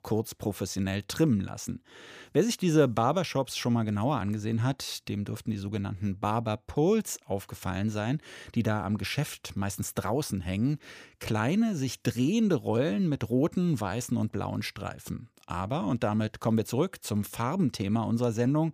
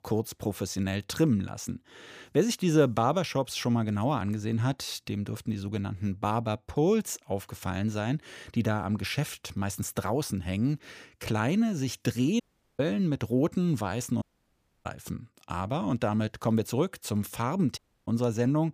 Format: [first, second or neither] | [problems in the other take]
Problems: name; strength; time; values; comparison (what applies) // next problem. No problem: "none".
first | audio cutting out; at 12 s, at 14 s for 0.5 s and at 18 s